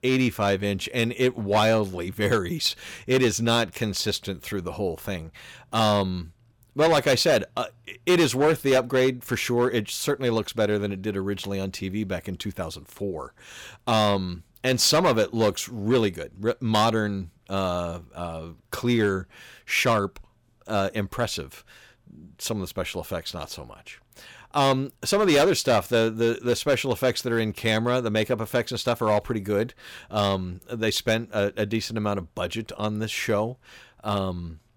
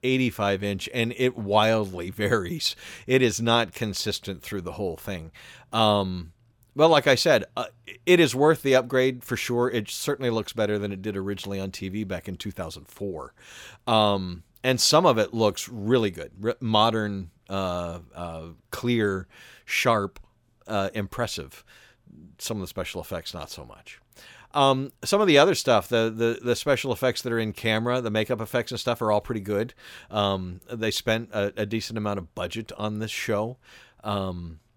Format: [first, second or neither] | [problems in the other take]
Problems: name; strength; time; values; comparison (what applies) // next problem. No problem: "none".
second | distortion; slight; 4% of the sound clipped